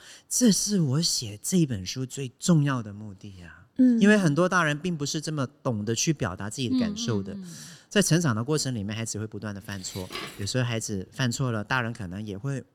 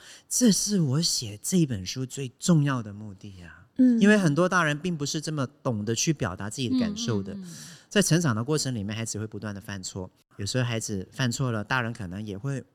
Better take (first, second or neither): second